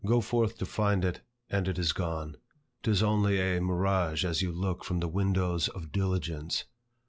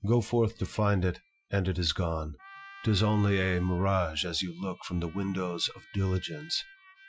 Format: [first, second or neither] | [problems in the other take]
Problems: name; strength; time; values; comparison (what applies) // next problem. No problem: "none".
first | noise reduction (classical method Wiener filter)